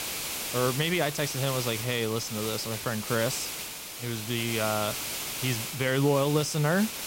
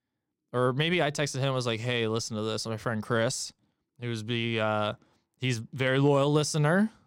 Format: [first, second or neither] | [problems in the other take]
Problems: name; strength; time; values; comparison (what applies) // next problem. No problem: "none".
second | hiss; loud; throughout; 5 dB below the speech